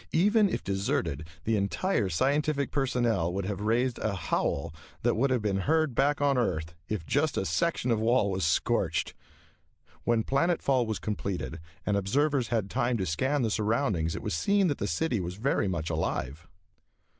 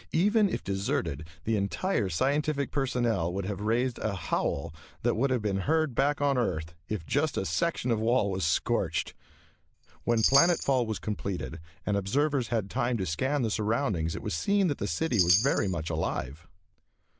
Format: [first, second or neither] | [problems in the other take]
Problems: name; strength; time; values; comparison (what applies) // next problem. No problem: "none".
first | background sound (Chime); 4 dB below the speech